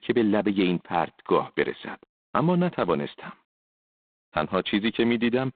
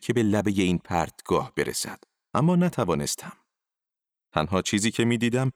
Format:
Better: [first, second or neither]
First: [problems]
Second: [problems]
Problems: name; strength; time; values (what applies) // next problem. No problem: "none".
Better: second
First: phone-call audio; poor line; nothing above 4 kHz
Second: none